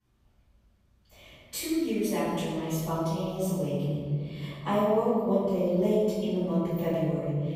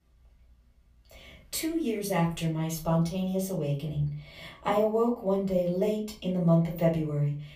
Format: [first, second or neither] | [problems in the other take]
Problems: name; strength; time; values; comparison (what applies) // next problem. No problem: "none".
second | room echo; strong; dies away in 2.1 s; slight in the second // off-mic speech; far; far in the second